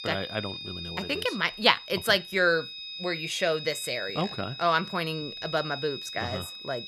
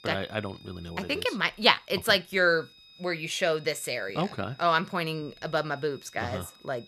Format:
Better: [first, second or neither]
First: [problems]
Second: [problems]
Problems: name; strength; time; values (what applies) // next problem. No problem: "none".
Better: second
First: high-pitched whine; loud; throughout; 4 kHz, 9 dB below the speech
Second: high-pitched whine; faint; throughout; 4 kHz, 25 dB below the speech